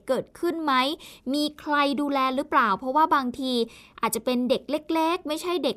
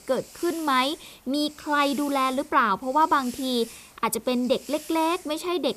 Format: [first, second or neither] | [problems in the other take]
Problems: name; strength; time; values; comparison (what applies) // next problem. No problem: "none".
first | hiss; noticeable; throughout; 20 dB below the speech